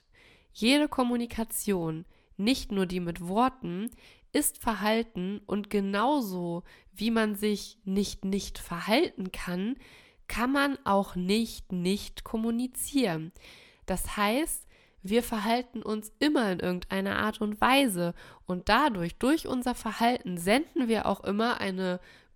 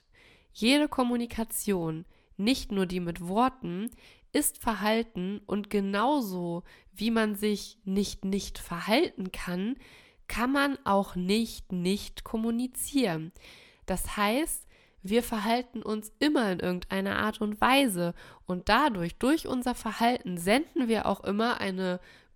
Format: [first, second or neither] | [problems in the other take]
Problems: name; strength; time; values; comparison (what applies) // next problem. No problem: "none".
neither | none